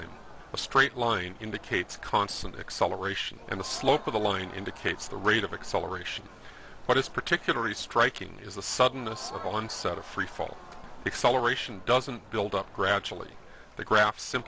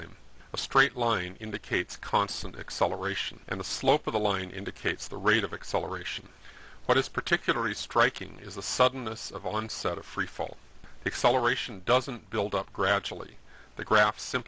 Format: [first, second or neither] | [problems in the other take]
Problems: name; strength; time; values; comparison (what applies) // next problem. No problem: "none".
second | background sound (Crowd); 19 dB below the speech